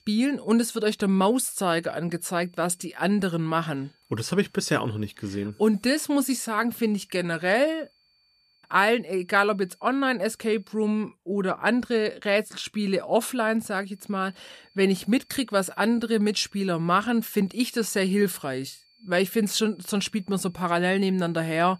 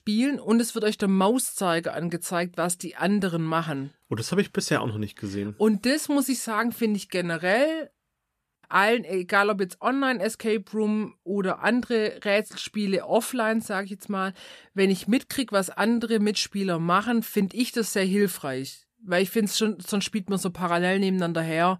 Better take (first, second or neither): second